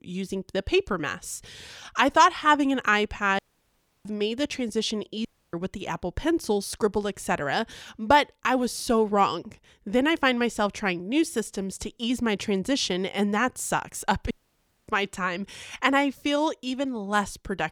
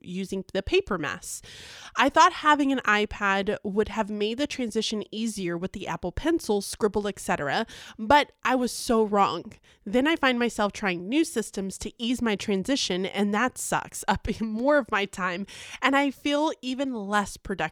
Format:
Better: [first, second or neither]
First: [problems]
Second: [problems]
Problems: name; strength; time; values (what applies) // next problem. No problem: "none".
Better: second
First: audio cutting out; at 3.5 s for 0.5 s, at 5.5 s and at 14 s for 0.5 s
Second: none